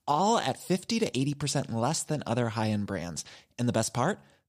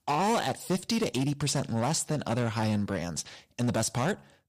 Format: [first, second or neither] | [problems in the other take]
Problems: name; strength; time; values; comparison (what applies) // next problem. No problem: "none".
first | distortion; slight; 11% of the sound clipped